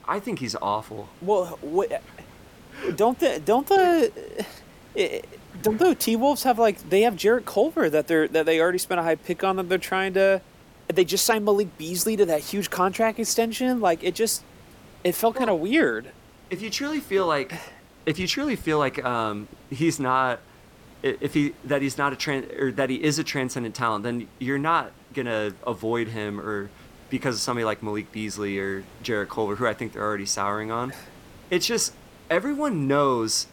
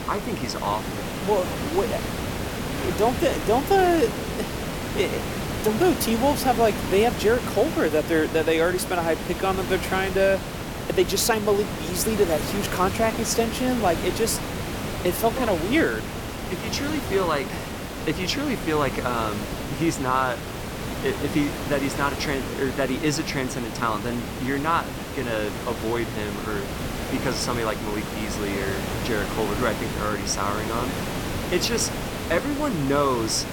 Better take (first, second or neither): first